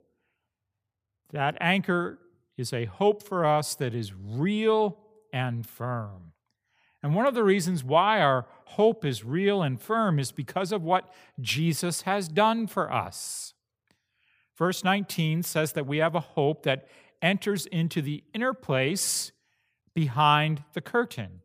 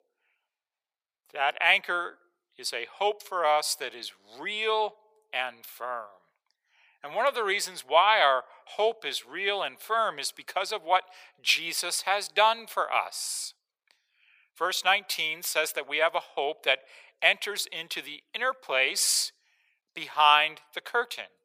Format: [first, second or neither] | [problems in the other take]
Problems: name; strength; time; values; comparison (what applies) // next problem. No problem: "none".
first | thin; very; fading below 600 Hz